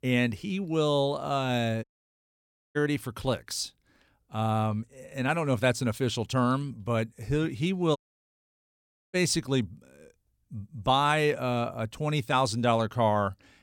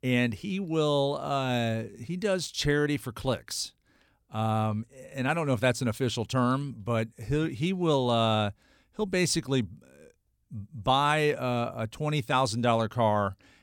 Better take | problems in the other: second | audio cutting out; at 2 s for 1 s and at 8 s for 1 s

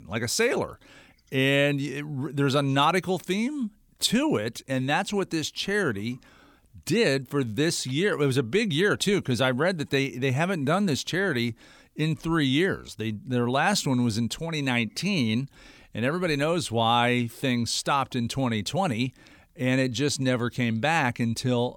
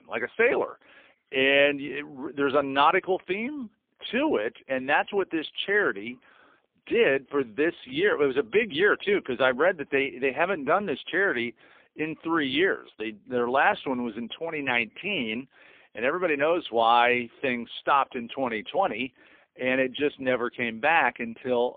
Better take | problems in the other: first | phone-call audio; poor line; nothing above 3.5 kHz

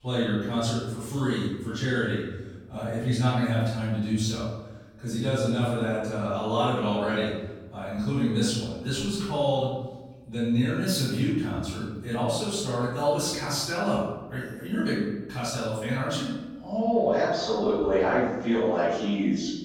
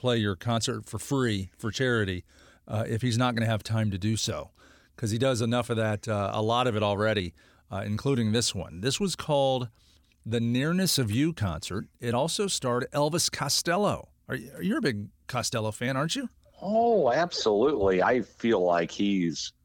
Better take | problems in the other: second | off-mic speech; far // room echo; strong; dies away in 1 s

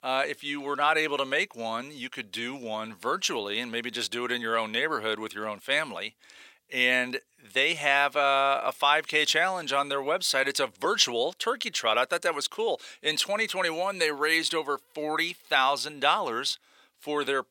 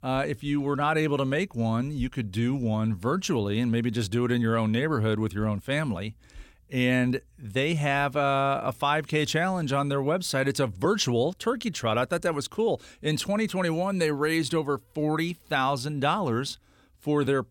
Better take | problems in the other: second | thin; very; fading below 550 Hz

